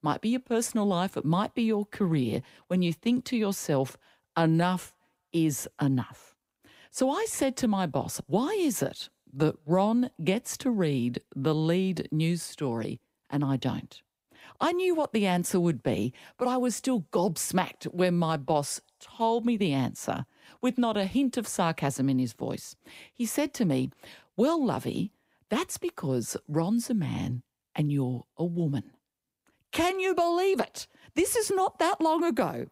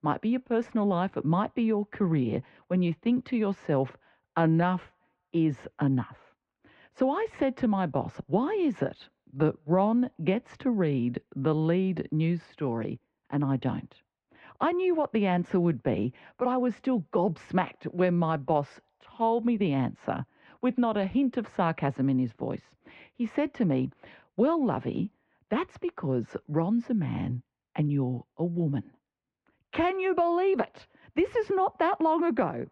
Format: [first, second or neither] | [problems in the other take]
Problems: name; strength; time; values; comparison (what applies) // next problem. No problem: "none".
first | muffled; very; fading above 2.5 kHz